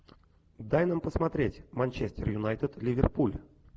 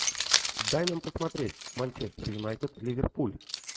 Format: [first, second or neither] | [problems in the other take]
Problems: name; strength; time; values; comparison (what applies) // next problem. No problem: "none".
first | noise reduction (neural mask model RNNoise)